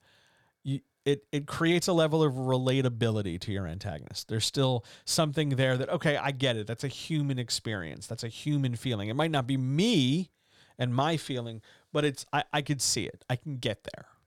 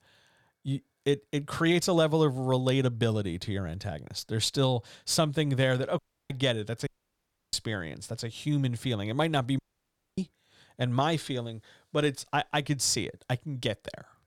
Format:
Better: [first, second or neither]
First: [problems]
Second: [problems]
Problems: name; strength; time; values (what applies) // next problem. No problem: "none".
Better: first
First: none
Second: audio cutting out; at 6 s, at 7 s for 0.5 s and at 9.5 s for 0.5 s